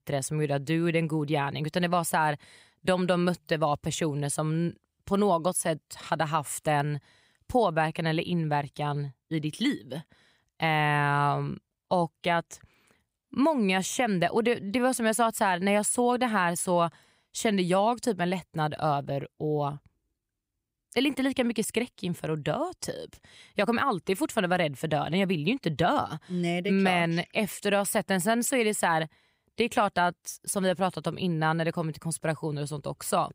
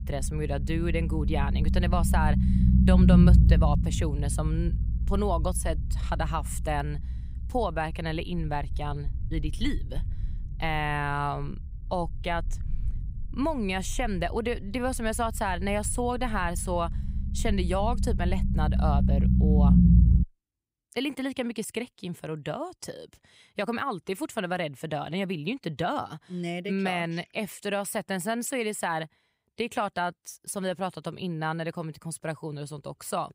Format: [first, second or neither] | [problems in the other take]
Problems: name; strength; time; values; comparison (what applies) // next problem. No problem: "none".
first | low rumble; loud; until 20 s; 5 dB below the speech